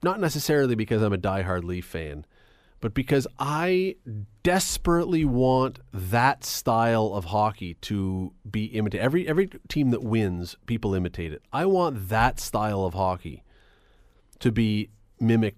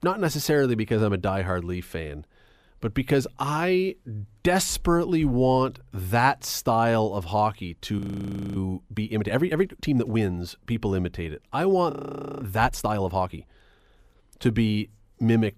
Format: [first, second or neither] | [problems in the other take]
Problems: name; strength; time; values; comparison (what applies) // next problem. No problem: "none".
first | audio freezing; at 8 s for 0.5 s and at 12 s for 0.5 s